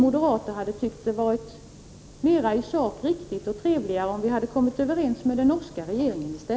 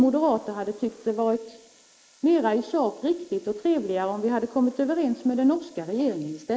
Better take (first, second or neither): first